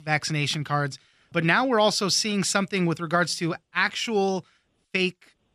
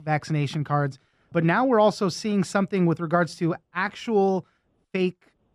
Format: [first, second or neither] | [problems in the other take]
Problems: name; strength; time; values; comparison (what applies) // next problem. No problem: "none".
first | muffled; slightly; fading above 1.5 kHz